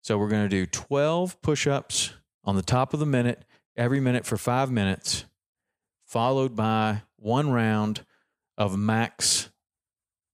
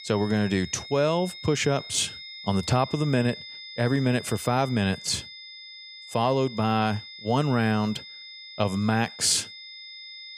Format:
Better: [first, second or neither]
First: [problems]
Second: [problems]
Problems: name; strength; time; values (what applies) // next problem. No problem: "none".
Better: first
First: none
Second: high-pitched whine; noticeable; throughout; 3.5 kHz, 15 dB below the speech